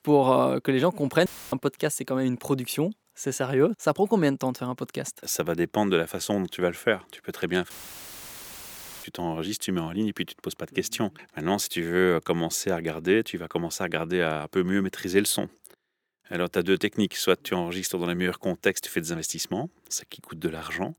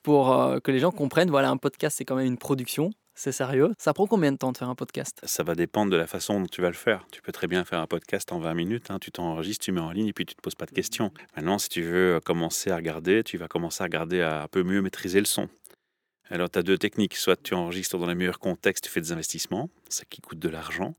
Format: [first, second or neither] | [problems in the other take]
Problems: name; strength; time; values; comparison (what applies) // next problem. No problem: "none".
second | audio cutting out; filled with static; at 1.5 s and at 7.5 s for 1.5 s